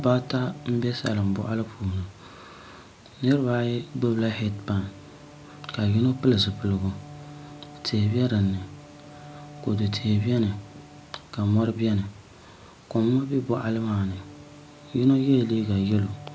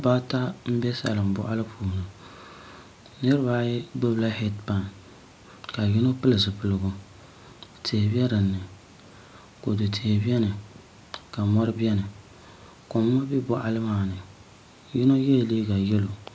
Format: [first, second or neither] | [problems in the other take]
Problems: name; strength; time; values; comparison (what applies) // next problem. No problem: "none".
second | background sound (Bowed string instrument); 20 dB below the speech